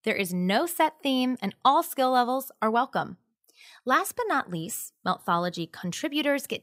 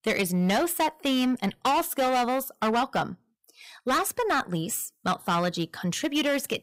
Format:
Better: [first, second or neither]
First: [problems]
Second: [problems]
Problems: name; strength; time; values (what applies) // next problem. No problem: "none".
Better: first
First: none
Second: distortion; heavy; 13% of the sound clipped